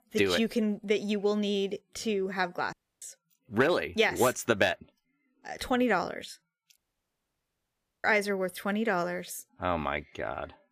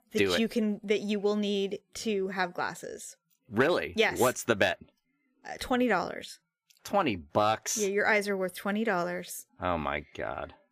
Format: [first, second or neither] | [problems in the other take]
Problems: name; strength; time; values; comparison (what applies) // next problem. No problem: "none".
second | audio cutting out; at 2.5 s and at 7 s for 1.5 s